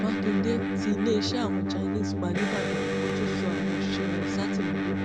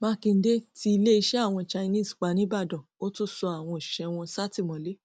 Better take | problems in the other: second | background sound (Electric guitar); 4 dB above the speech

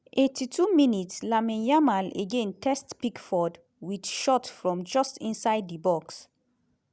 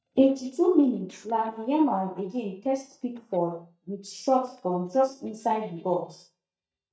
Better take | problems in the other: first | noise reduction (neural mask model DeepFilterNet 3)

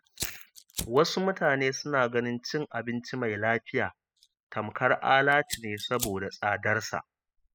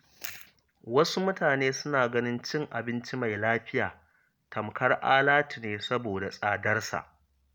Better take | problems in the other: second | noise reduction (classical method spectral subtraction)

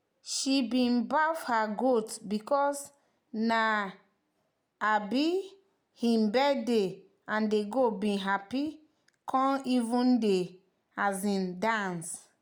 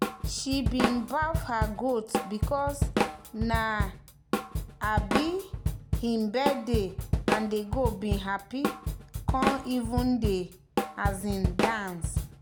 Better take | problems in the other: first | background sound (Drum kit); as loud as the speech

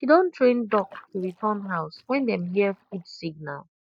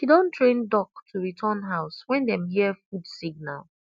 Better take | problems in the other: second | noise reduction (neural mask model DeepFilterNet 3)

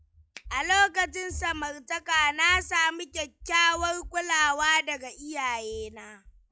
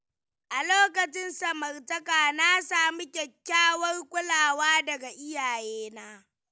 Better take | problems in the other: second | noise reduction (classical method log-MMSE)

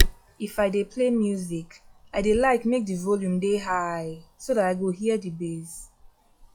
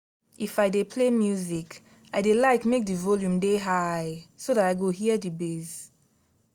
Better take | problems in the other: second | noise reduction (classical method log-MMSE)

